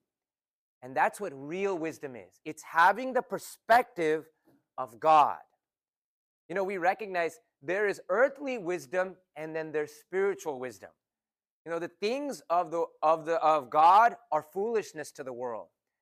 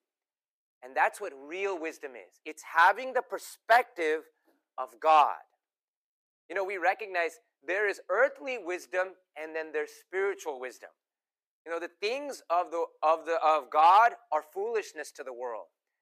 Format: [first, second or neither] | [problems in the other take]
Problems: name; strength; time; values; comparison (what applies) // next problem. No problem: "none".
first | thin; somewhat; fading below 350 Hz